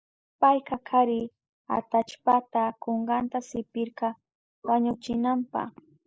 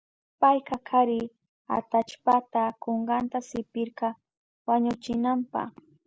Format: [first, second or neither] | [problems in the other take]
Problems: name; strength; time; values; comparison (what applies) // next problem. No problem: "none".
second | noise reduction (neural mask model Resemble Enhance denoiser)